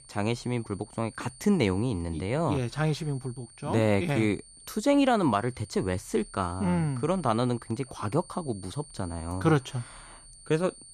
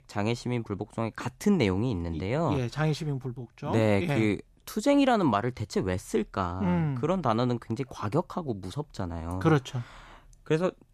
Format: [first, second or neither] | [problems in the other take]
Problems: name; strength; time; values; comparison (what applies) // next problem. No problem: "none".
second | high-pitched whine; faint; throughout; 9 kHz, 20 dB below the speech